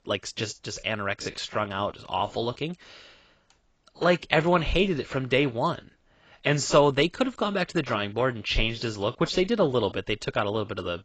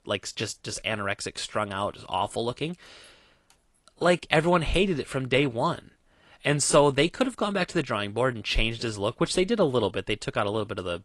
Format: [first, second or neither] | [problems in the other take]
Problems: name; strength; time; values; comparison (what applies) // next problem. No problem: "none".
second | garbled, watery; badly; nothing above 7.5 kHz; slightly in the second